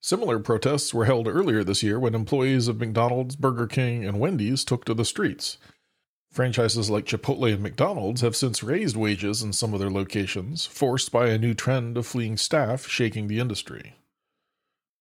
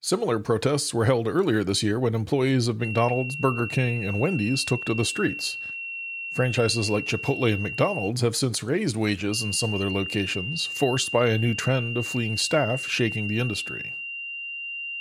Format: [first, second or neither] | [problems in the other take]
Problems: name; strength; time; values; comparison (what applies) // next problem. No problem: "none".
first | high-pitched whine; loud; from 3 to 8 s and from 9.5 s on; 3 kHz, 6 dB below the speech